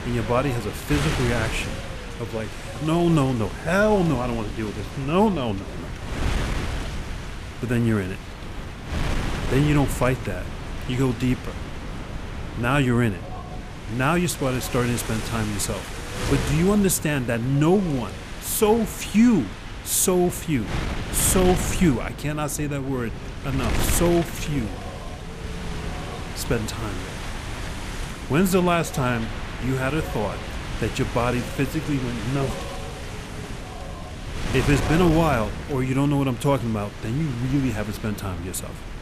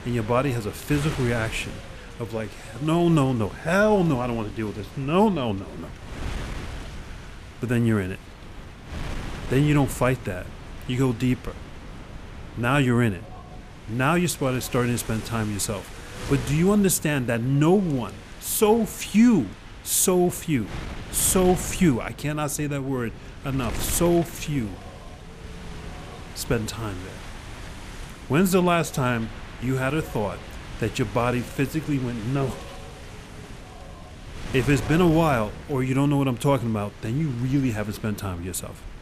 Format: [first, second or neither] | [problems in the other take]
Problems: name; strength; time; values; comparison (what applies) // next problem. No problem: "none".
second | wind noise on the microphone; heavy; 8 dB below the speech; occasional gusts in the second